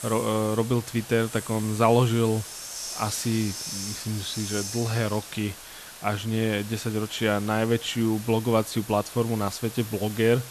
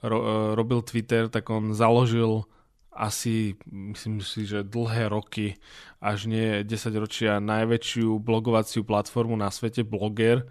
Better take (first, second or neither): second